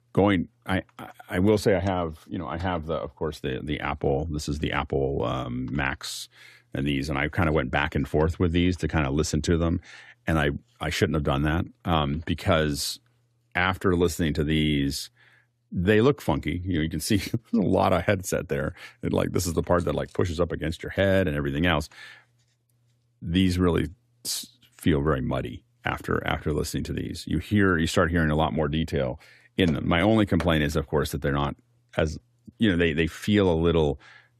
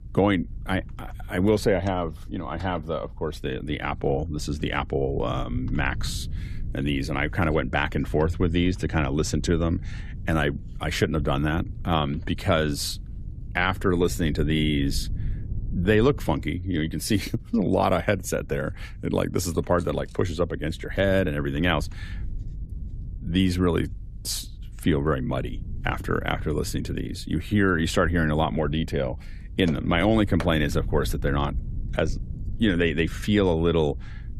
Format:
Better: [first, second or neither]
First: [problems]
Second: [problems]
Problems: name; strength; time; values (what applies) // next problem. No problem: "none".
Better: first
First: none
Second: low rumble; faint; throughout; 25 dB below the speech